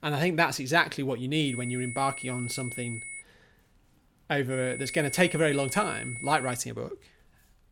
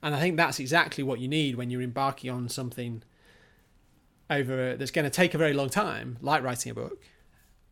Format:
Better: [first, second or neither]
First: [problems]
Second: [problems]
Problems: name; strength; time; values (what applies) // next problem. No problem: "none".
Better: second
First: high-pitched whine; loud; from 1.5 to 3 s and from 4.5 to 6.5 s; 2 kHz, 9 dB below the speech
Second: none